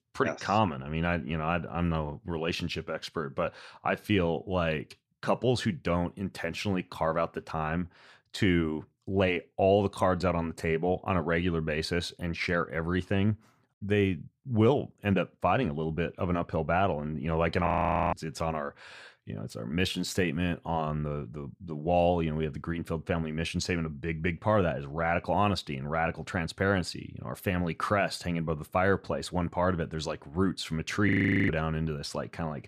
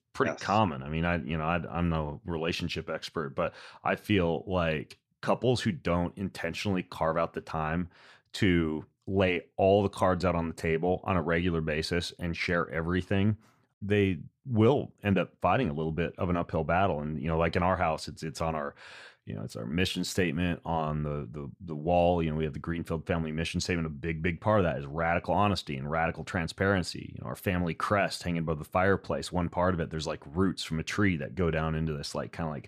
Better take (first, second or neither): second